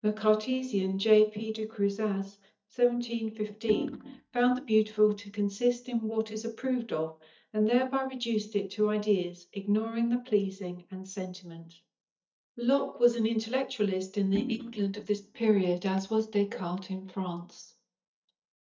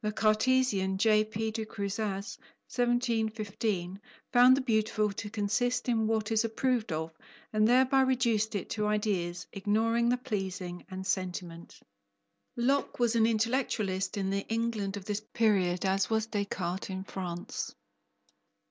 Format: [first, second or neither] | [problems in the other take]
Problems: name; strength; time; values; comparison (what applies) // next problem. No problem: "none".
second | noise reduction (neural mask model DeepFilterNet 3)